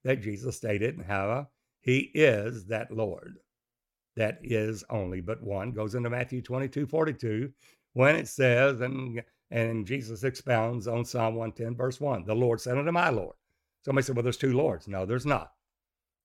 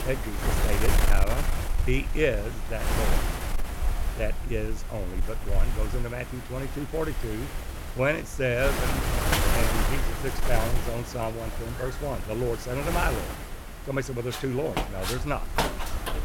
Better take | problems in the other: first | wind noise on the microphone; heavy; 2 dB below the speech

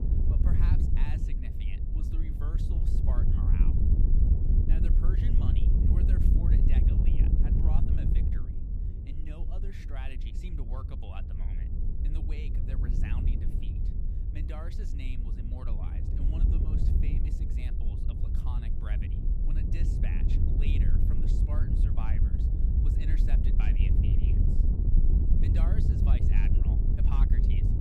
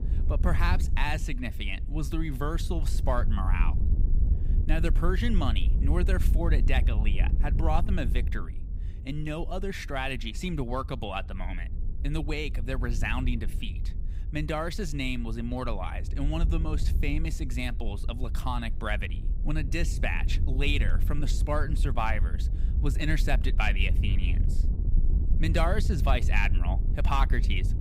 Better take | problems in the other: second | wind noise on the microphone; heavy; 3 dB above the speech; occasional gusts in the second

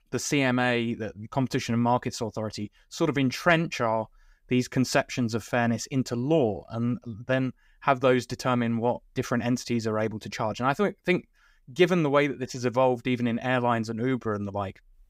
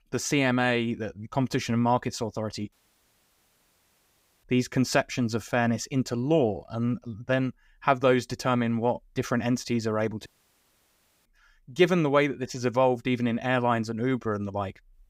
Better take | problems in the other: first | audio cutting out; at 2.5 s for 1.5 s and at 10 s for 1 s

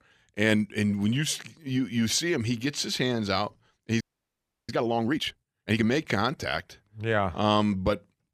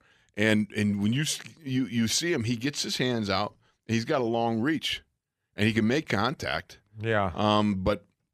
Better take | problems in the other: second | audio freezing; at 4 s for 0.5 s

